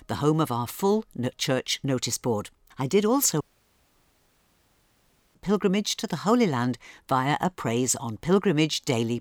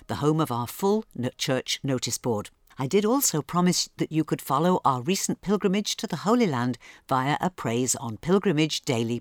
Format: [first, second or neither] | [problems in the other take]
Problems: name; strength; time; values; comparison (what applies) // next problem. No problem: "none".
second | audio cutting out; at 3.5 s for 2 s